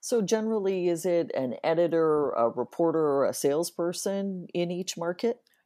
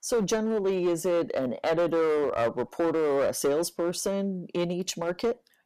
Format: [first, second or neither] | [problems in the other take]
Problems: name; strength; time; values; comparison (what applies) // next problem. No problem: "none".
first | distortion; slight; 10% of the sound clipped